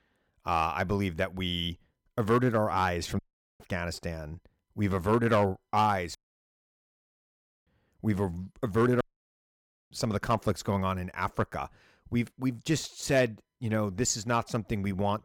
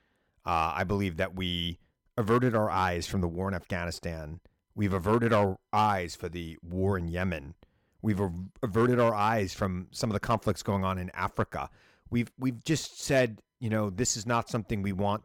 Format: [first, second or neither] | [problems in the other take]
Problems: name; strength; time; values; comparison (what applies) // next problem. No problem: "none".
second | audio cutting out; at 3 s, at 6 s for 1.5 s and at 9 s for 1 s